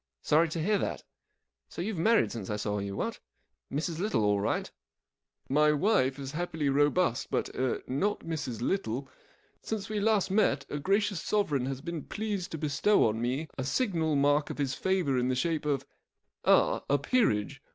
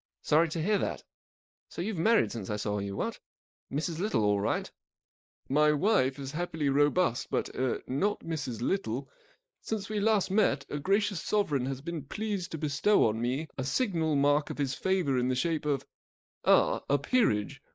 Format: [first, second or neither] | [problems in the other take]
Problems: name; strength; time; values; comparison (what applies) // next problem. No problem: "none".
first | noise reduction (neural mask model Resemble Enhance denoiser)